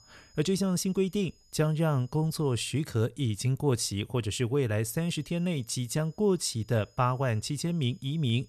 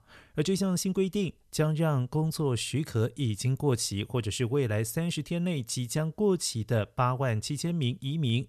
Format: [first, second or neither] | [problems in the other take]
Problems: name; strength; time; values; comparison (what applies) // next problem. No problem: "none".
second | high-pitched whine; faint; until 3 s and from 5 s on; 5 kHz, 30 dB below the speech